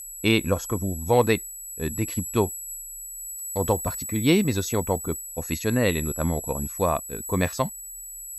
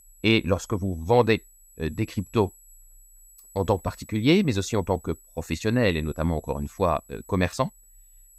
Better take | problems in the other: second | high-pitched whine; loud; throughout; 8 kHz, 7 dB below the speech; faint in the second

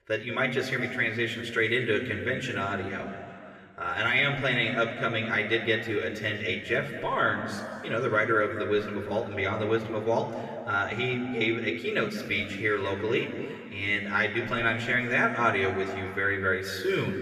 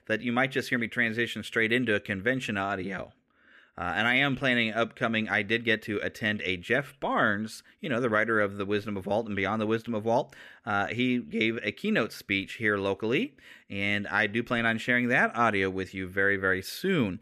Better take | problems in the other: second | room echo; noticeable; dies away in 2.4 s // off-mic speech; somewhat distant

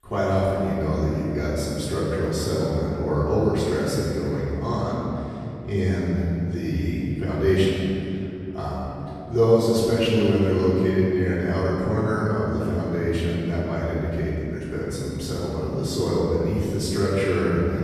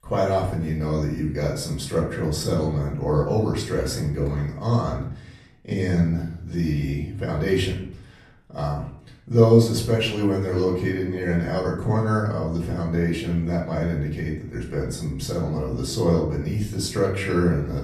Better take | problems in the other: second | room echo; strong; dies away in 2.9 s; slight in the second // off-mic speech; far; far in the second

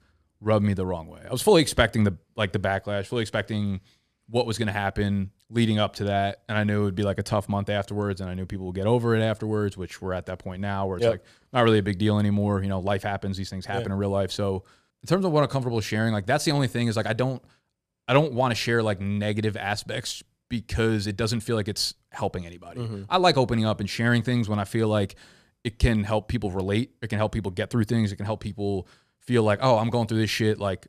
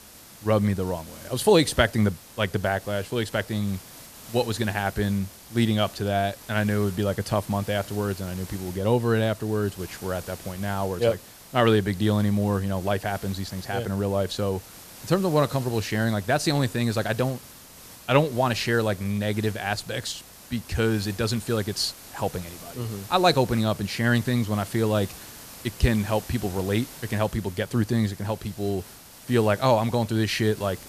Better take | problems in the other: first | hiss; noticeable; throughout; 15 dB below the speech

